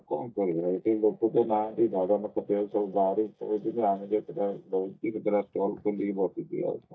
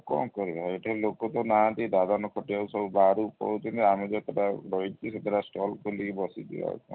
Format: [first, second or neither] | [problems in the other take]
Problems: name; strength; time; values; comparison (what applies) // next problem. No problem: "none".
second | noise reduction (neural mask model DeepFilterNet 3)